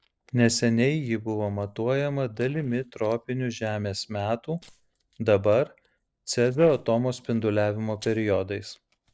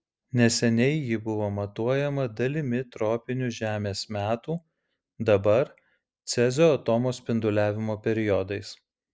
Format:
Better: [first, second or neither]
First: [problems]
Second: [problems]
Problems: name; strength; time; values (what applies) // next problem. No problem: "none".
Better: second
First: noise reduction (neural separator model SepFormer DNS4)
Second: none